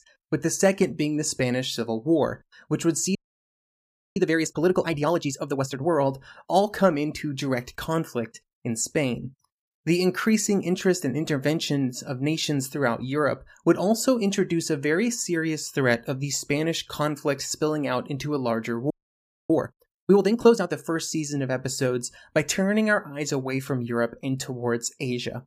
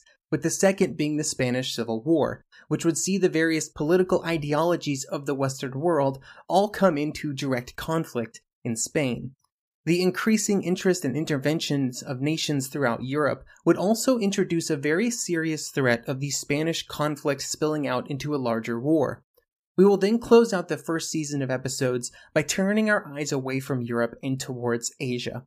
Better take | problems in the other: second | audio freezing; at 3 s for 1 s and at 19 s for 0.5 s

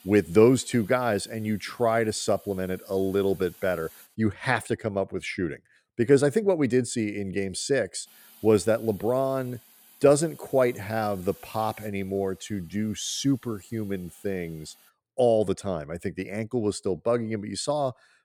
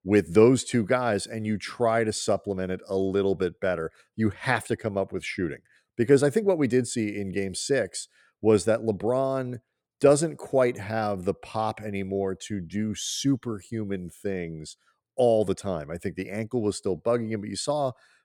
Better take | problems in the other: second | hiss; faint; until 4 s and from 8 to 15 s; 25 dB below the speech

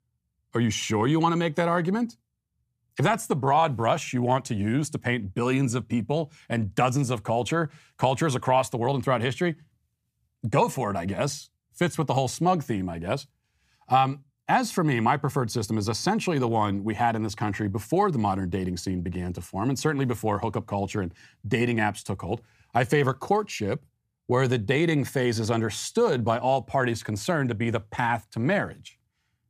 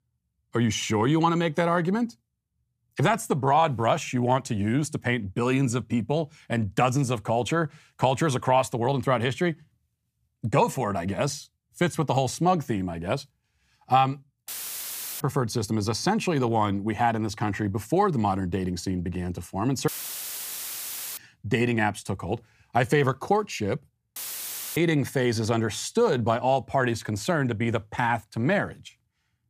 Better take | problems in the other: first | audio cutting out; filled with static; at 14 s for 0.5 s, at 20 s for 1.5 s and at 24 s for 0.5 s

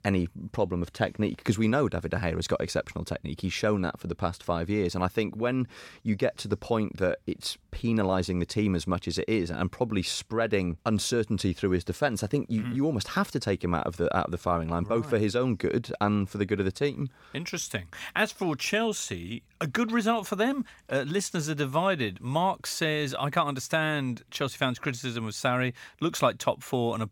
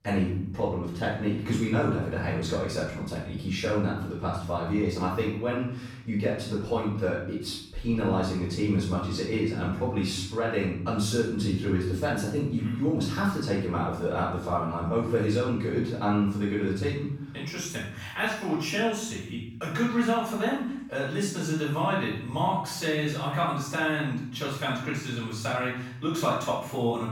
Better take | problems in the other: first | off-mic speech; far // room echo; noticeable; dies away in 0.7 s

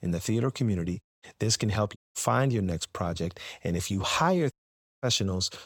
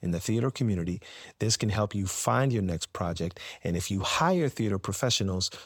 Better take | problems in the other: second | audio cutting out; at 1 s, at 2 s and at 4.5 s for 0.5 s

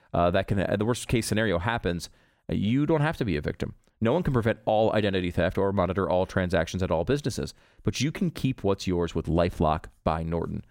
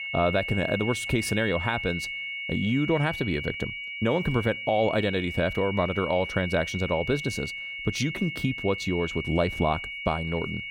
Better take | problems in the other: first | high-pitched whine; loud; throughout; 2 kHz, 5 dB below the speech

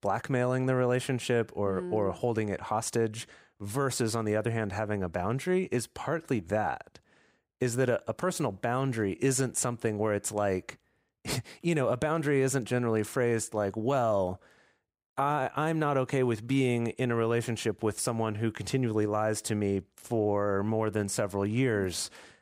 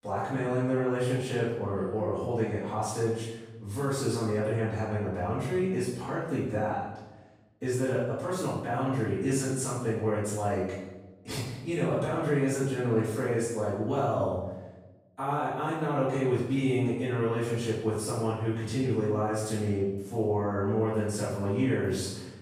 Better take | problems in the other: first | room echo; strong; dies away in 0.9 s // off-mic speech; far

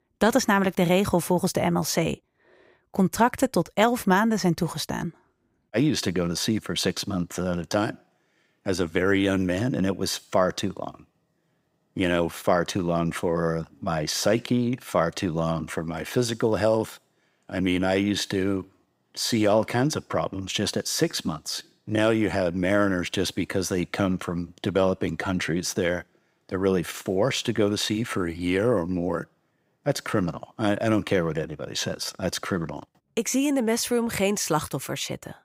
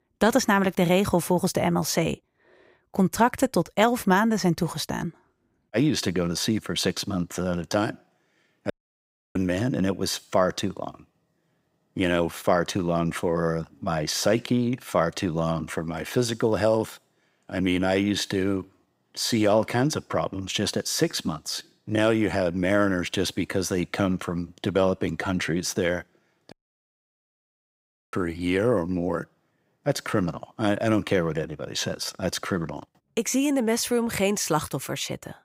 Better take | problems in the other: first | audio cutting out; at 8.5 s for 0.5 s and at 27 s for 1.5 s

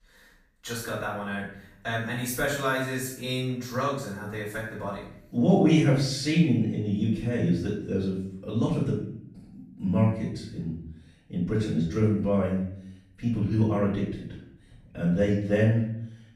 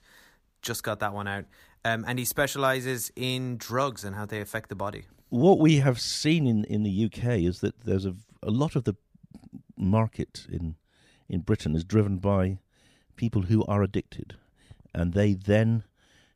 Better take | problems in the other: second | off-mic speech; far // room echo; noticeable; dies away in 0.6 s

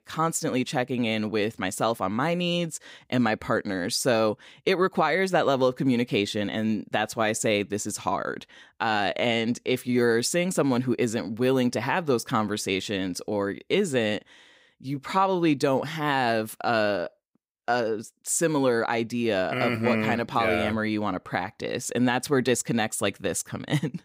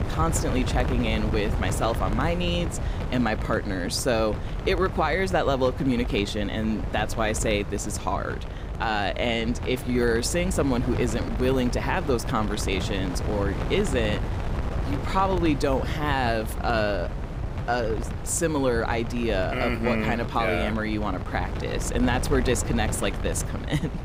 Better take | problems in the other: first | wind noise on the microphone; occasional gusts; 10 dB below the speech

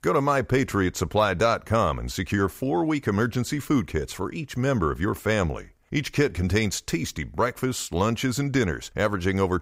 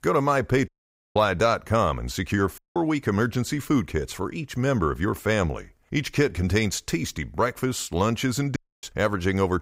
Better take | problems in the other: first | audio cutting out; at 0.5 s, at 2.5 s and at 8.5 s

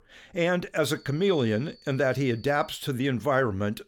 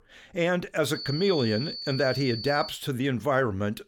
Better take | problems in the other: first | high-pitched whine; loud; from 1 to 2.5 s; 4.5 kHz, 8 dB below the speech; faint in the first

